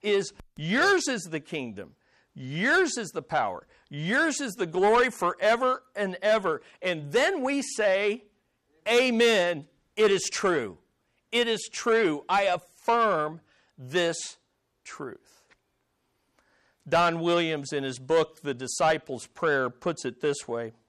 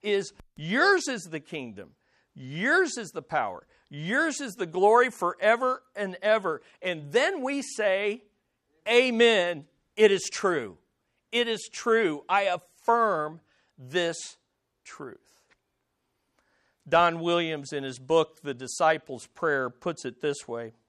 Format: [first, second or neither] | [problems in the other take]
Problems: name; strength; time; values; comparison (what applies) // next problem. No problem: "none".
second | distortion; slight; 10 dB below the speech